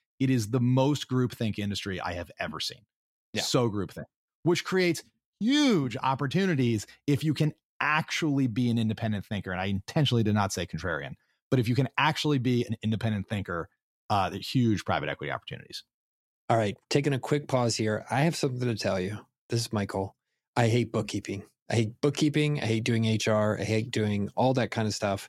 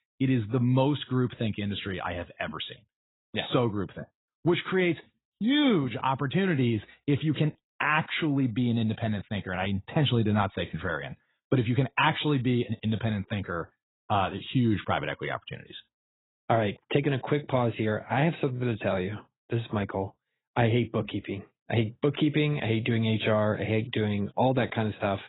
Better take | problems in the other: first | garbled, watery; badly; nothing above 4 kHz

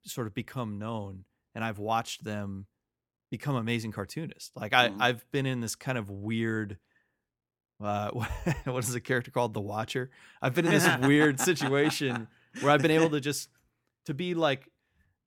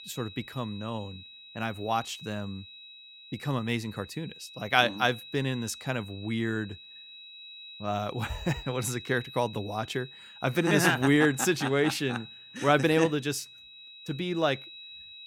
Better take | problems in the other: first | high-pitched whine; noticeable; throughout; 4 kHz, 15 dB below the speech

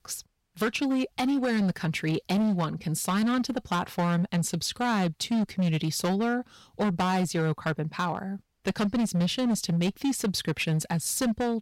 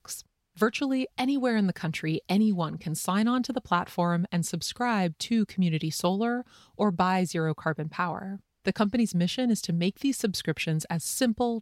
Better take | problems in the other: second | distortion; slight; 16% of the sound clipped

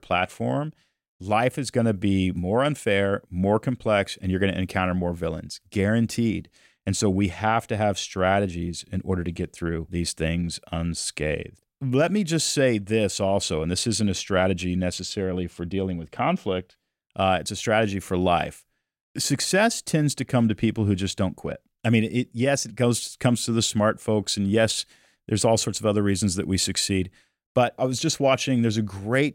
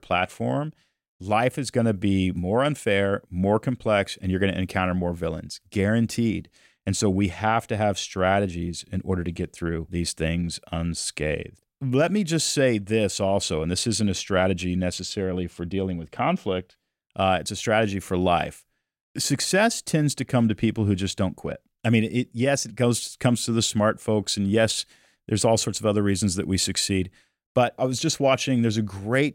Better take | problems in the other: neither | none

